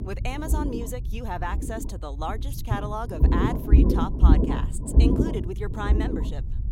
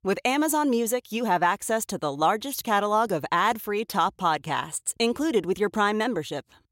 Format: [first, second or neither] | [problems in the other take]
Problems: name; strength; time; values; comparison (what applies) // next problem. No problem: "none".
second | low rumble; loud; throughout; as loud as the speech